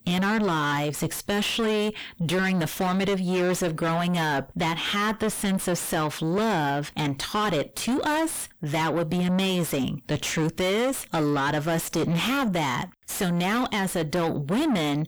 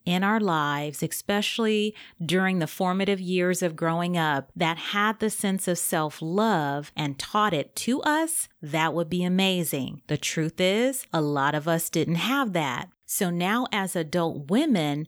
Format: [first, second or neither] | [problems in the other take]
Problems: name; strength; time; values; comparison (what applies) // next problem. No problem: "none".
second | distortion; heavy; 5 dB below the speech